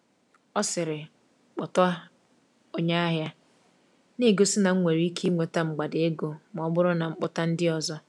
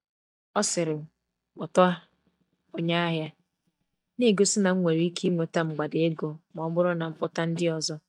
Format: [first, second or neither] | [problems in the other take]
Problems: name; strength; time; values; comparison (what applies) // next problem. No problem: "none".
first | noise reduction (neural mask model DeepFilterNet 3)